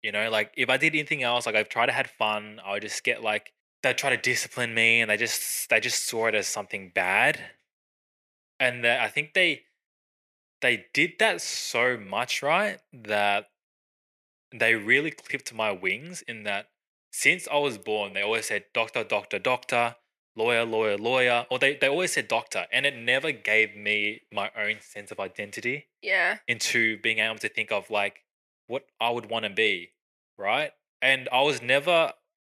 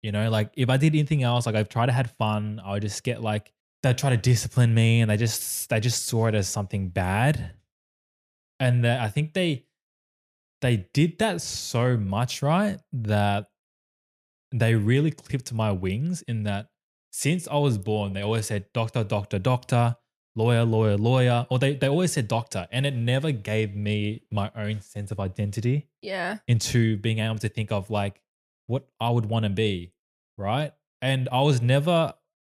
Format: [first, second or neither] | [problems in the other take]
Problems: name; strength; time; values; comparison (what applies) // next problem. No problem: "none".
second | thin; very; fading below 450 Hz